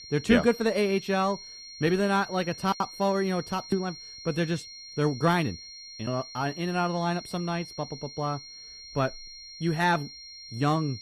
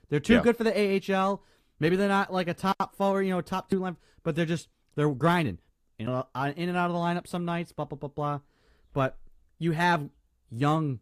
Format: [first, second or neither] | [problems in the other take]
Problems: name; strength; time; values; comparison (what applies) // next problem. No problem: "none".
second | high-pitched whine; noticeable; throughout; 4 kHz, 15 dB below the speech